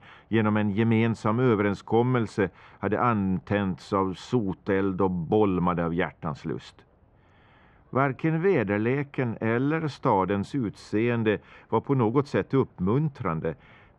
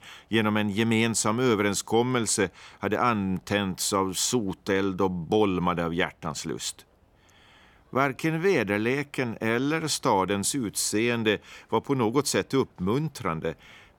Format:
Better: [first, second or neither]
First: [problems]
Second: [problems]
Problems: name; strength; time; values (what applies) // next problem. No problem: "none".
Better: second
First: muffled; very; fading above 2 kHz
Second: none